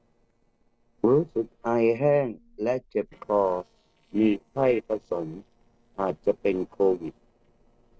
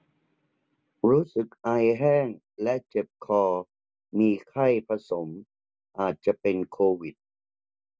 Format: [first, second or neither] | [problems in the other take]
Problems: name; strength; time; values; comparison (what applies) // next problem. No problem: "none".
second | noise reduction (neural separator model SepFormer DNS4)